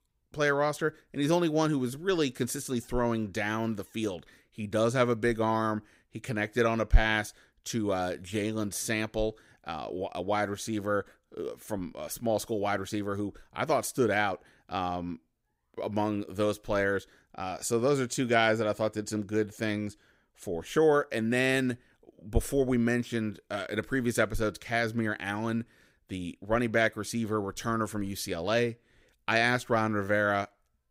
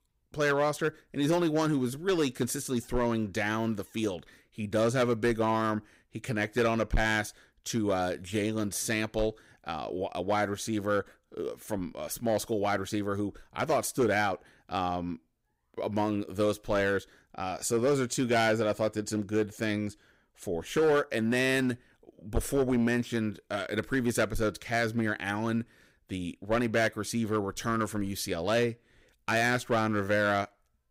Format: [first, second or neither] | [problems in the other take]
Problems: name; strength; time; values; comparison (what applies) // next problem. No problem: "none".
first | distortion; slight; 4% of the sound clipped